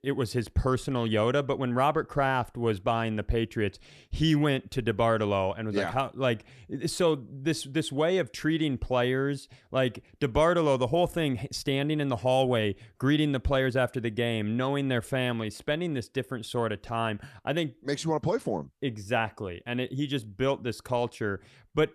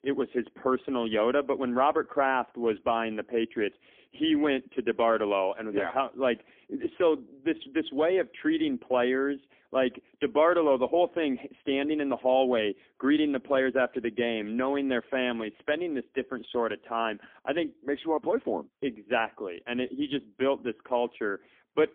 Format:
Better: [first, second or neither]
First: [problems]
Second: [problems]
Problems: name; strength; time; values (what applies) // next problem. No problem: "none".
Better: first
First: none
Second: phone-call audio; poor line; nothing above 3.5 kHz